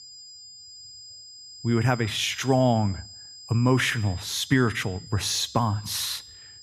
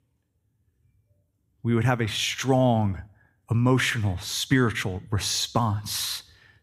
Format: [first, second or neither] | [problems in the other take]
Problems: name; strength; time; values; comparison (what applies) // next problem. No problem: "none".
second | high-pitched whine; noticeable; throughout; 5 kHz, 15 dB below the speech